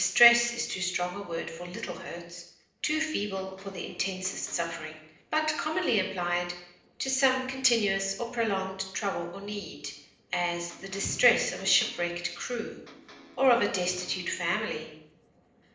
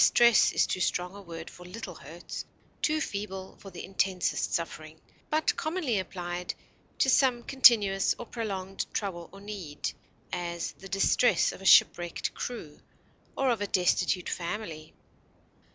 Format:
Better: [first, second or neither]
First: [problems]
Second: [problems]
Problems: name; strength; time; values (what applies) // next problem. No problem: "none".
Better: second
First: noise reduction (neural separator model SepFormer DNS4)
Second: none